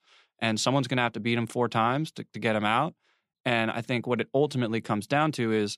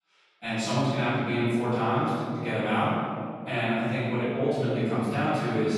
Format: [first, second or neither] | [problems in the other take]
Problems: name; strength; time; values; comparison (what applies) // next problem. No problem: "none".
first | off-mic speech; far // room echo; strong; dies away in 2.6 s